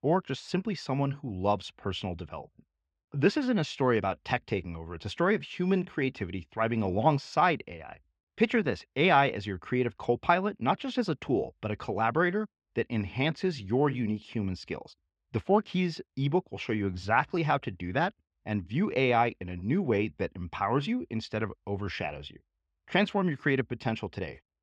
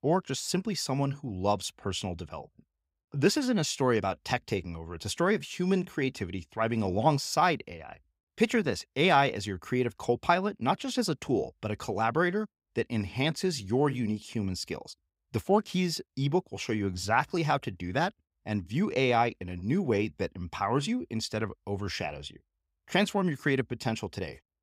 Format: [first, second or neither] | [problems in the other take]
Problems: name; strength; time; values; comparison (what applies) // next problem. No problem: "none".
second | muffled; slightly; fading above 3 kHz